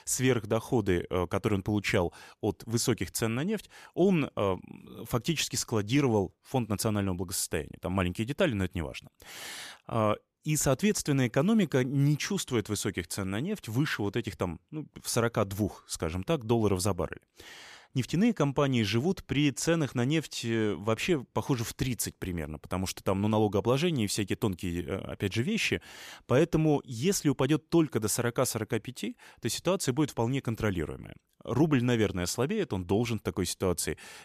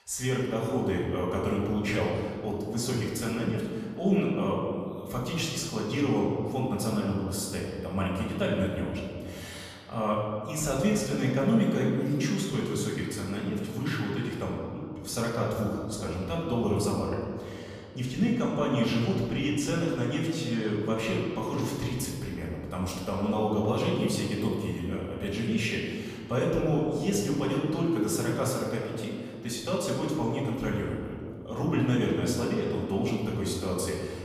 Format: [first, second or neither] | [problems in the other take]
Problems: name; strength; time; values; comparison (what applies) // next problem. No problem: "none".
first | off-mic speech; far // room echo; noticeable; dies away in 2.1 s